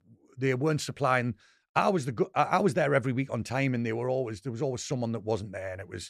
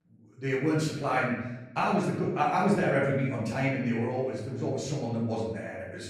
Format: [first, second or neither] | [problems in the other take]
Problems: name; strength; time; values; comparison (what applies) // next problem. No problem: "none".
first | off-mic speech; far // room echo; noticeable; dies away in 0.8 s